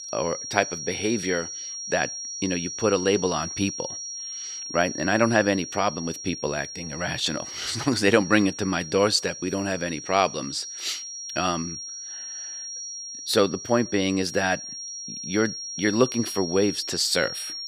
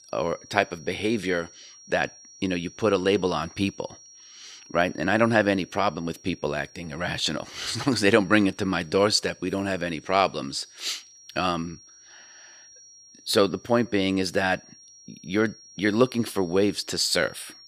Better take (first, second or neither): second